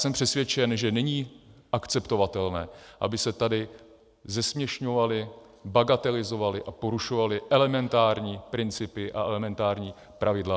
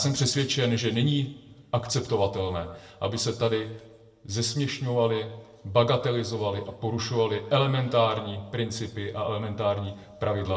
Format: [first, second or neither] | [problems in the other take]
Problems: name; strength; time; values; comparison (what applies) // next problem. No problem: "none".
first | room echo; dies away in 0.6 s